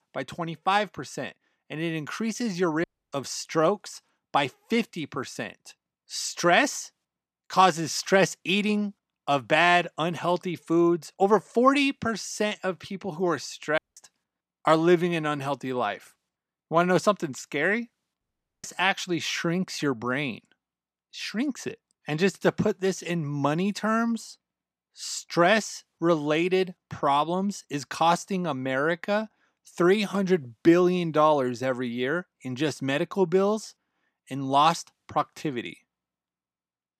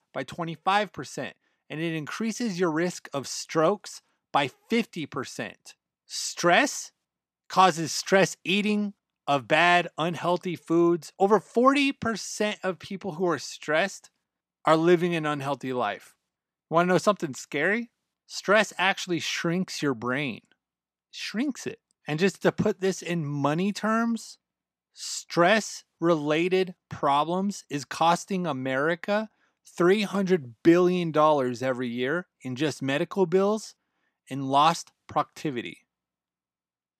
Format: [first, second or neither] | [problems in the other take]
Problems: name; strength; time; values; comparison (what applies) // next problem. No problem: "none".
second | audio cutting out; at 3 s, at 14 s and at 18 s